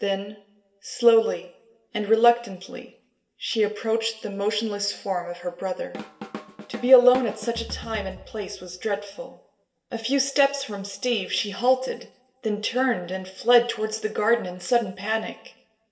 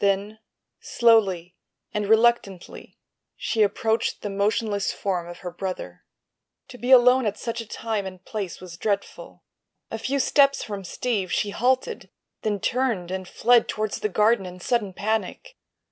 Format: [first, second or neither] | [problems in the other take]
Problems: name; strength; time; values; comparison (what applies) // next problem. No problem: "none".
second | background sound (Drum kit); 14 dB below the speech // room echo; dies away in 0.6 s